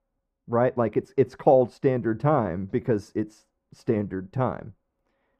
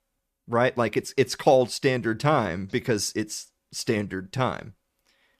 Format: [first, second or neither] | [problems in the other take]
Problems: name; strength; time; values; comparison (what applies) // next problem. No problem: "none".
second | muffled; very; fading above 2 kHz